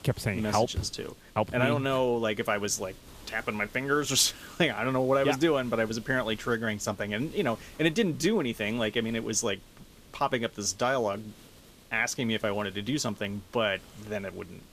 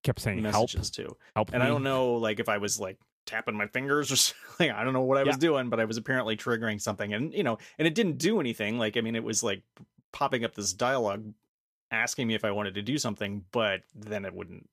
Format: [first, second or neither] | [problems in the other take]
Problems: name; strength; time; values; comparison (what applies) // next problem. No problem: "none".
second | hiss; faint; throughout; 25 dB below the speech